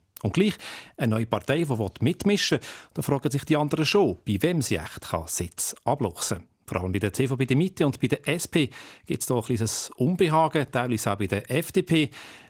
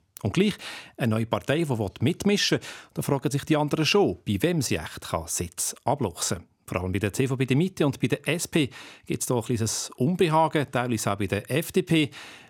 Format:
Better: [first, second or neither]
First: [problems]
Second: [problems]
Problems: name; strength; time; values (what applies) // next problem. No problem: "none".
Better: second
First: garbled, watery; slightly; nothing above 17 kHz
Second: none